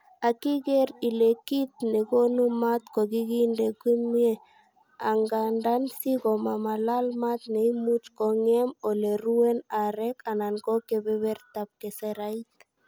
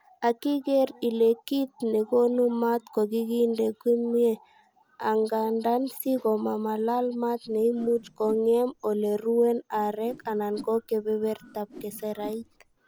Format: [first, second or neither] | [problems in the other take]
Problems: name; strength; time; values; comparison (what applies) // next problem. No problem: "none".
first | background sound (Whoosh, swoosh, swish); 19 dB below the speech